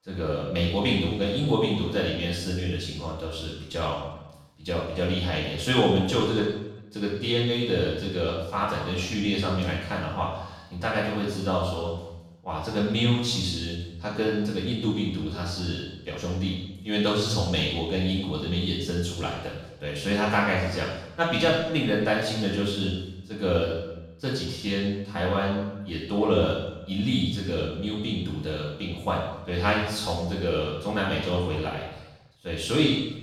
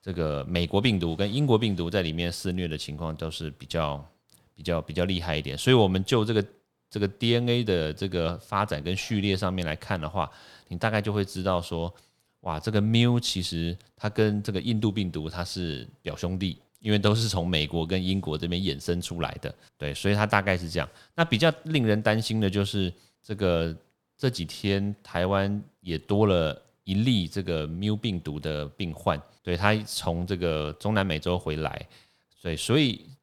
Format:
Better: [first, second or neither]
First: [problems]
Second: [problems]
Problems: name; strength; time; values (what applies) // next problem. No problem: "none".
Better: second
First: room echo; strong; dies away in 0.8 s // off-mic speech; far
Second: none